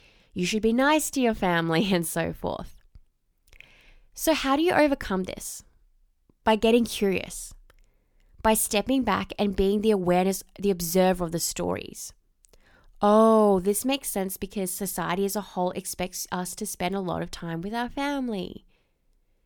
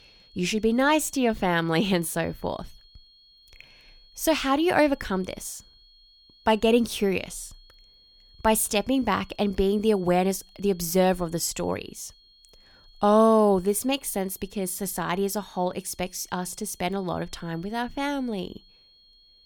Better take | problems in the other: first | high-pitched whine; faint; throughout; 4.5 kHz, 30 dB below the speech

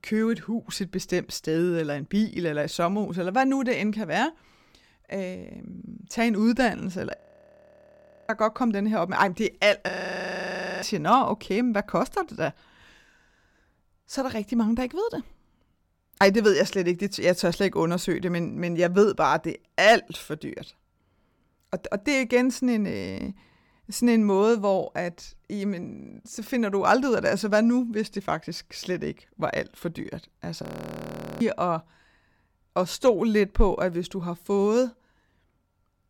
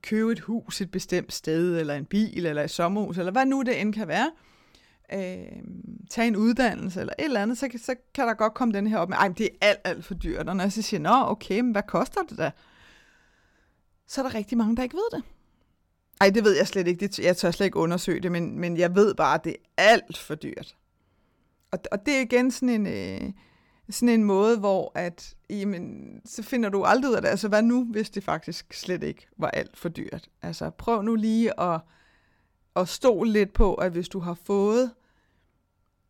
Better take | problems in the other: second | audio freezing; at 7 s for 1 s, at 10 s for 1 s and at 31 s for 1 s

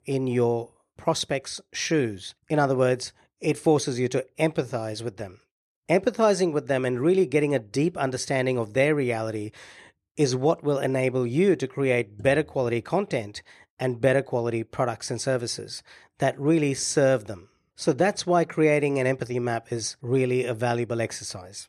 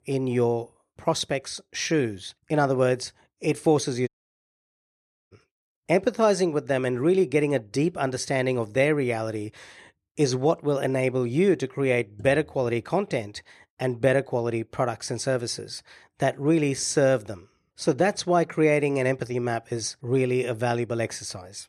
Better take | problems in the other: first | audio cutting out; at 4 s for 1 s

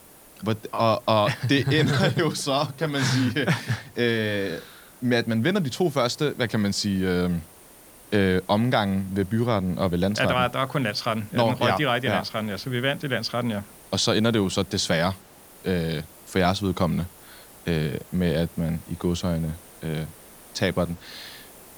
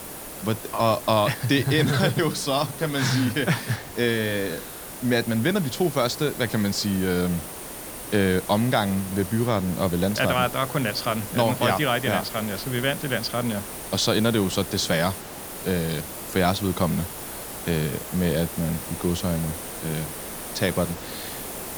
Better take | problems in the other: first | hiss; loud; throughout; 10 dB below the speech; faint in the first

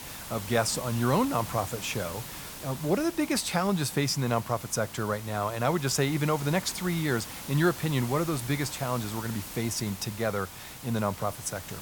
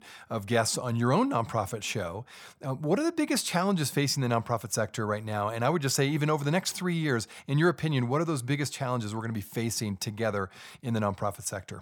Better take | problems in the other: second | hiss; noticeable; throughout; 10 dB below the speech

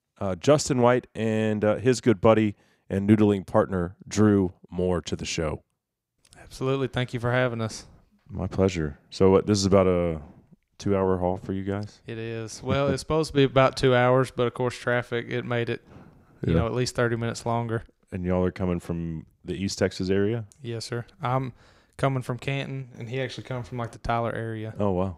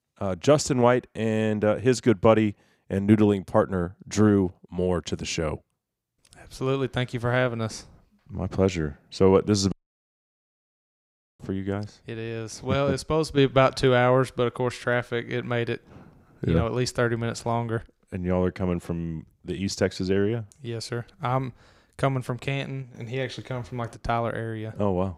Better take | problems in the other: first | audio cutting out; at 9.5 s for 1.5 s

